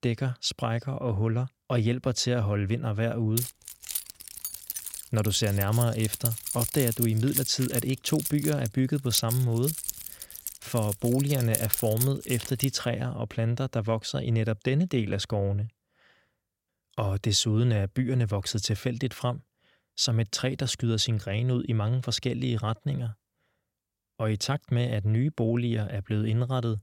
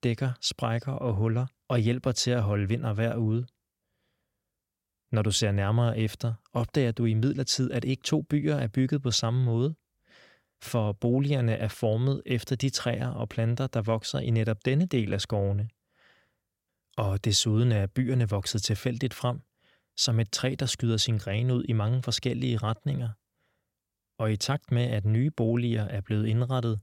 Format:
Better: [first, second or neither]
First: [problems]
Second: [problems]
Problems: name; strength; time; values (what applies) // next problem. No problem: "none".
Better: second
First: jangling keys; loud; from 3.5 to 13 s; peak 1 dB above the speech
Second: none